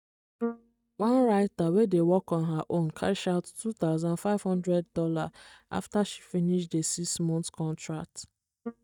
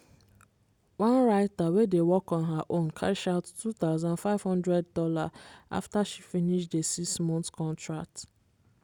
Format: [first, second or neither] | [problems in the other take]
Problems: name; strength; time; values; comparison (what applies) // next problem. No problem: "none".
second | noise reduction (neural mask model DeepFilterNet 3)